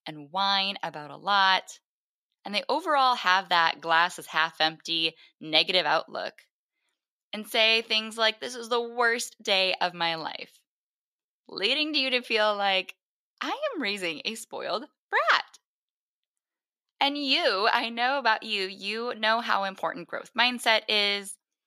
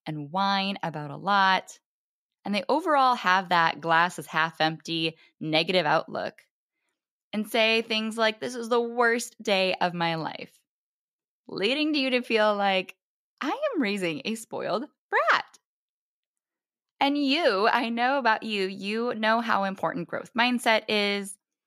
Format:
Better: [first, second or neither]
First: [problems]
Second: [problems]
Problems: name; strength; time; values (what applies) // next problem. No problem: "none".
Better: second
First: thin; very slightly; fading below 600 Hz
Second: none